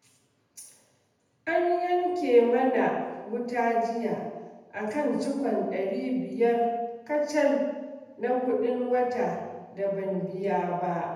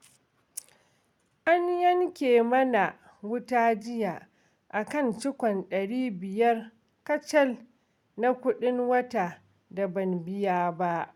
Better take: second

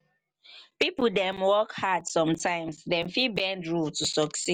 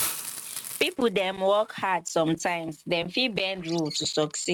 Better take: first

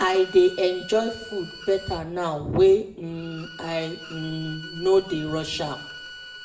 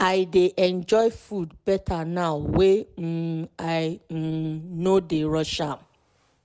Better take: second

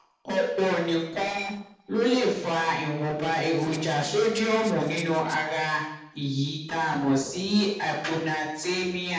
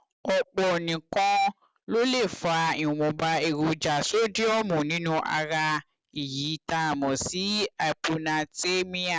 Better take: second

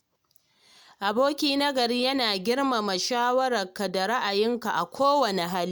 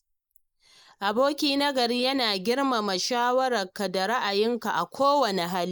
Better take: first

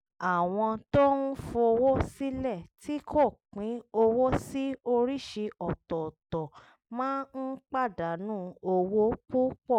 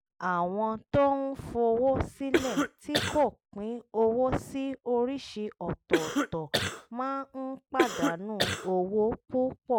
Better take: first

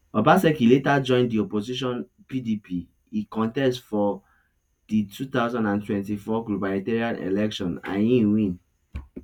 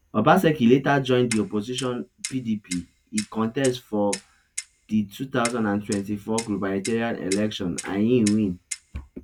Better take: first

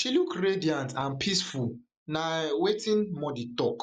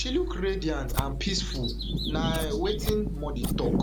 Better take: first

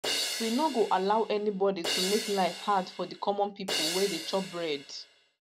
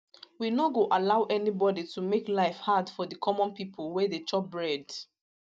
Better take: second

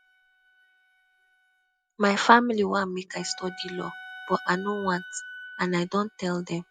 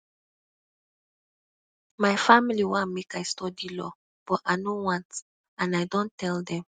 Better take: second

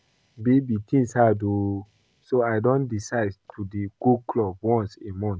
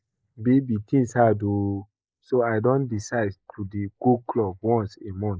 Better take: first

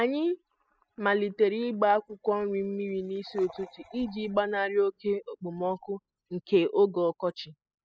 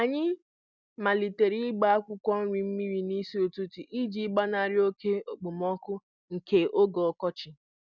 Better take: second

